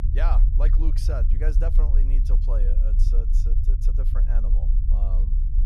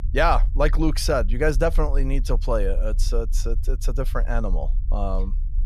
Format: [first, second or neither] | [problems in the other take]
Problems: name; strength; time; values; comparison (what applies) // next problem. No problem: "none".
second | low rumble; loud; throughout; 6 dB below the speech; faint in the second